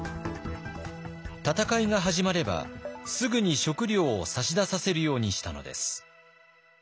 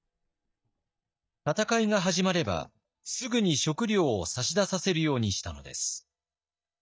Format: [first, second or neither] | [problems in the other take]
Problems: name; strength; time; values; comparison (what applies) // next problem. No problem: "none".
first | noise reduction (neural mask model DeepFilterNet 3)